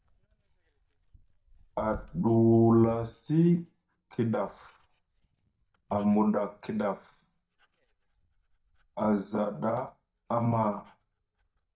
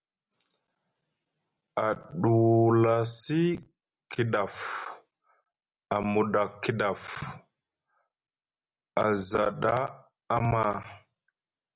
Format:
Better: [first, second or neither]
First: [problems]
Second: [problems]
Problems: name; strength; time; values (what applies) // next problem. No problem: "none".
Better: second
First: noise reduction (neural mask model DeepFilterNet 3)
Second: none